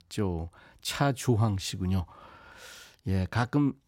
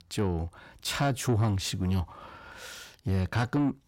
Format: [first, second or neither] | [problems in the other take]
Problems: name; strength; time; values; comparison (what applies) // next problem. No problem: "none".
first | distortion; slight; 10 dB below the speech